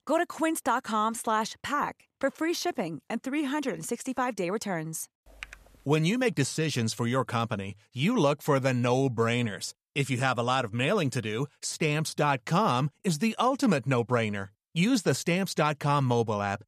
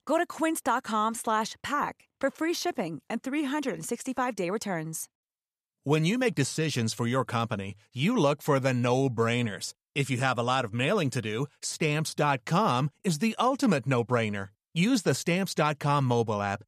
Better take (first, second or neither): second